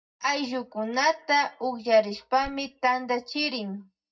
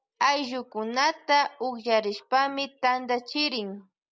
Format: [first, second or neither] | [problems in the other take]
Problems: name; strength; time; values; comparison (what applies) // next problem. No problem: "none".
second | noise reduction (neural mask model DeepFilterNet 3)